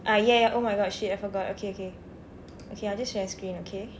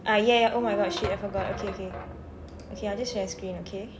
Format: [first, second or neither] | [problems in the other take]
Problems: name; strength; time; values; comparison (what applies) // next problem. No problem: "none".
first | background sound (Squeak / Thump, thud); 9 dB below the speech